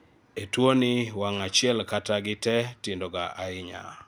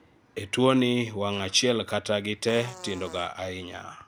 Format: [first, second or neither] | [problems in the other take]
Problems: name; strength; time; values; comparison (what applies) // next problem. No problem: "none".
first | background sound (Fart); 20 dB below the speech